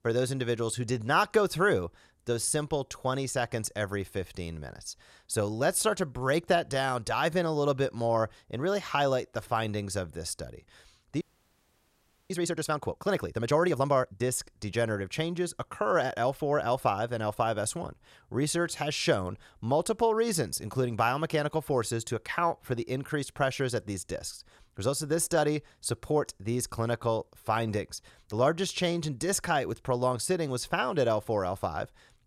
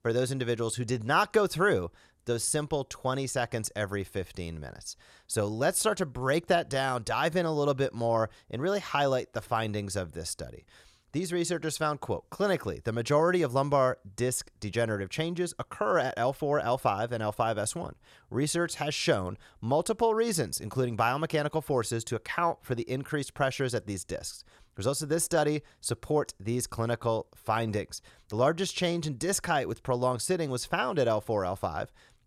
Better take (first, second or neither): second